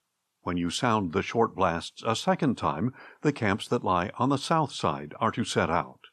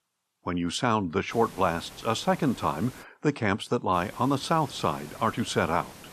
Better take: first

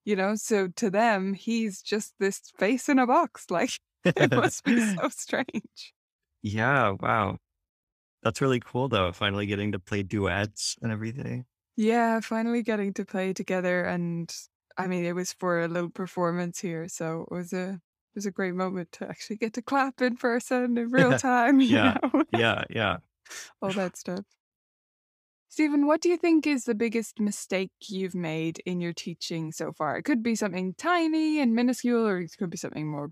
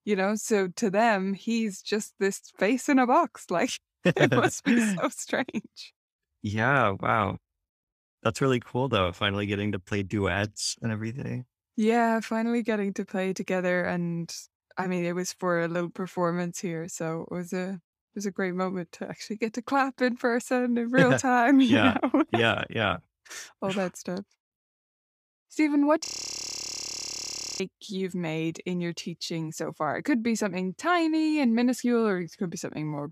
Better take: first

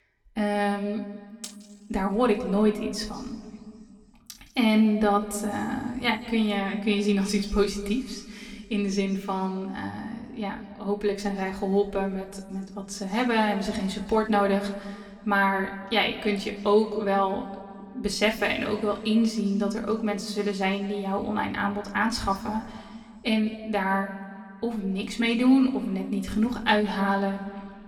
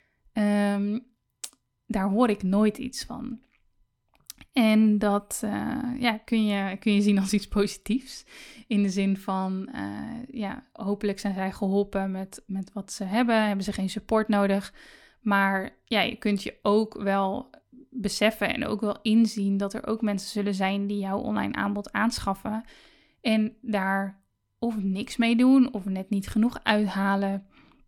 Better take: second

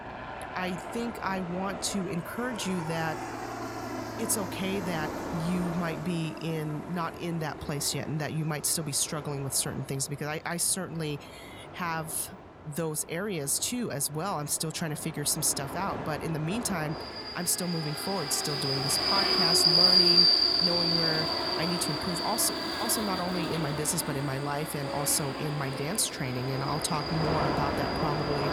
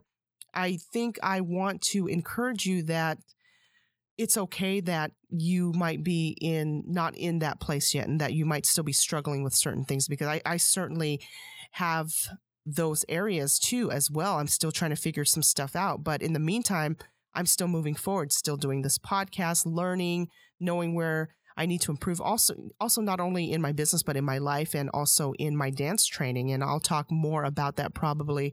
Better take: second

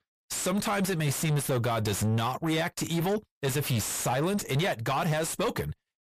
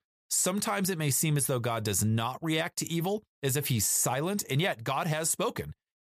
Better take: second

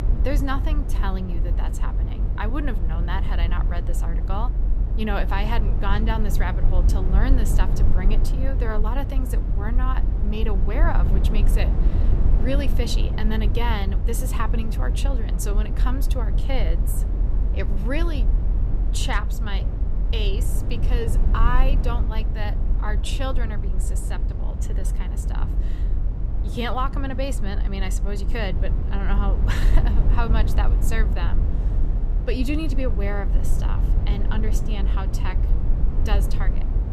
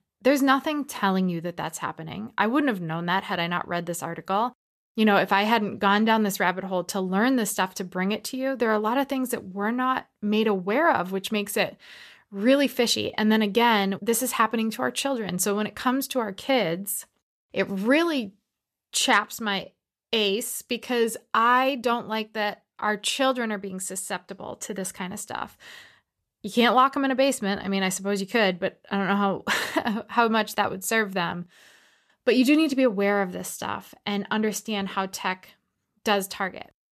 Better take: second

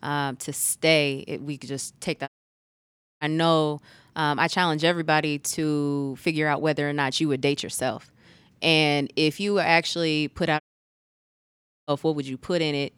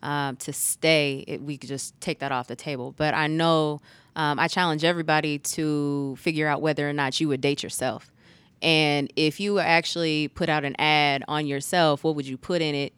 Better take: second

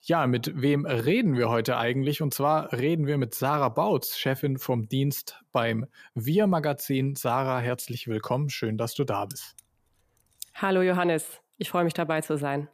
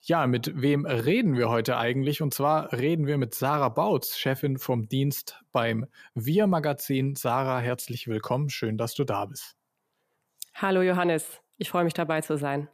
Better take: second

